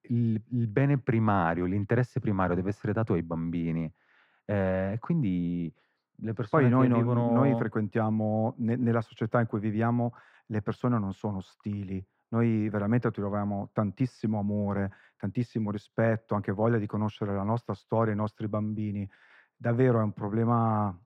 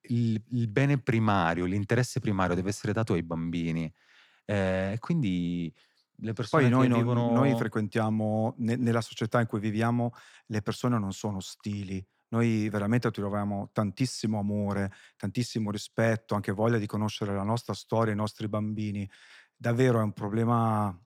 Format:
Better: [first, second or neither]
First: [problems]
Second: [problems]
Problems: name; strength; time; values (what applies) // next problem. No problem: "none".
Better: second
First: muffled; very; fading above 3 kHz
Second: none